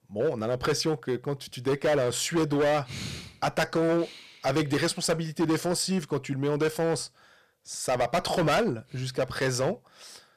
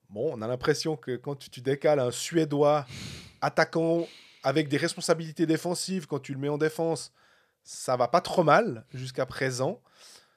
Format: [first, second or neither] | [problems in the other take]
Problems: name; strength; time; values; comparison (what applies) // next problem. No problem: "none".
second | distortion; heavy; 11% of the sound clipped